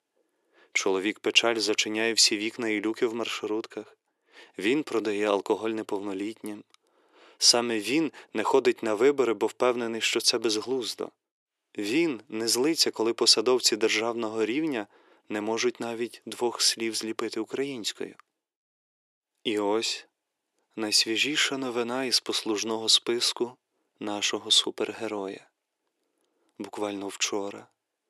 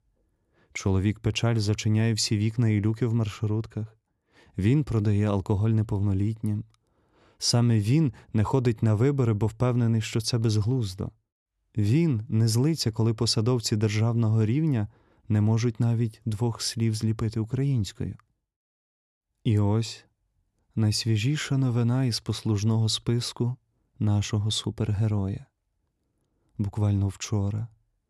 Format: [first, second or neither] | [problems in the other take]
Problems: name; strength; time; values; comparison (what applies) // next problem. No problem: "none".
second | thin; very; fading below 350 Hz